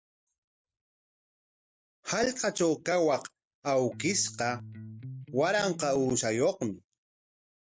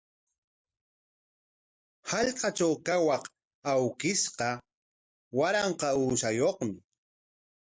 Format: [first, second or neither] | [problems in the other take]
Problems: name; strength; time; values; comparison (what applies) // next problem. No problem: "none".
second | background sound (Electric guitar); 13 dB below the speech